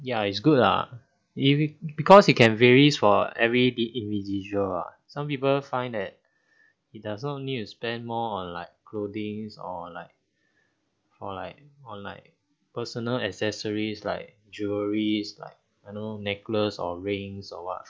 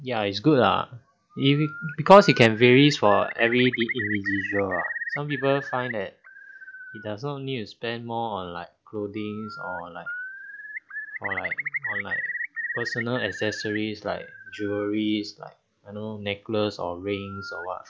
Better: first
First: none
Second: background sound (Bird); 11 dB below the speech

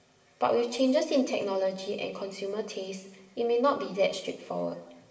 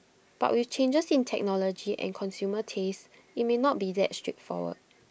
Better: second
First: room echo; dies away in 1 s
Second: none

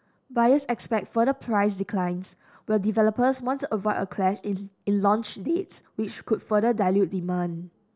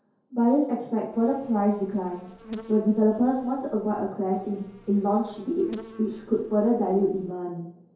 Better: first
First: none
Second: background sound (Insect); 19 dB below the speech // room echo; dies away in 2.4 s

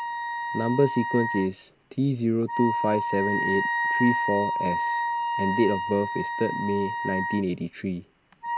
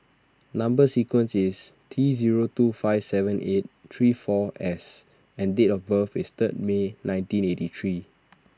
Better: second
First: background sound (Wind instrument, woodwind instrument); 2 dB below the speech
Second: none

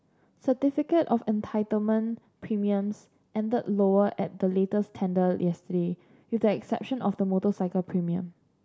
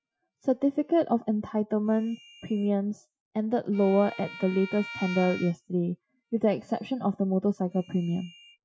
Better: first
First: none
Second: noise reduction (classical method Wiener filter)

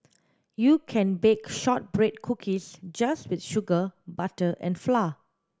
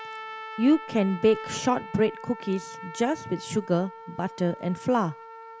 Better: first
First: none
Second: background sound (Trumpet); 14 dB below the speech

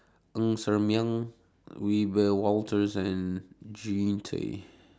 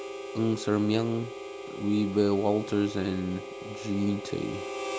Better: first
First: none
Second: background sound (Harmonica); 9 dB below the speech

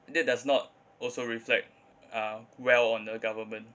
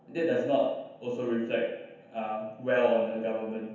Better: first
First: none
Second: room echo; dies away in 0.9 s

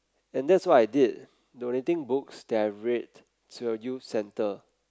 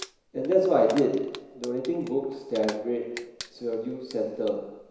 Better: first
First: none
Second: background sound (Crumpling, crinkling); 18 dB below the speech // room echo; dies away in 1 s

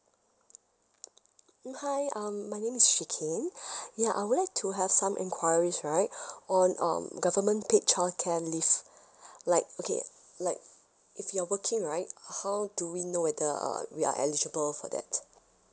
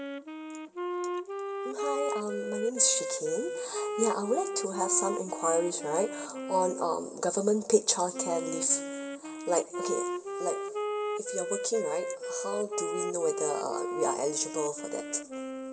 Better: first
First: none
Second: background sound (Wind instrument, woodwind instrument); 5 dB below the speech // room echo; dies away in 1.5 s

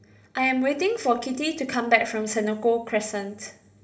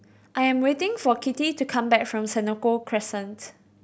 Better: second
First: room echo; dies away in 0.5 s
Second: none

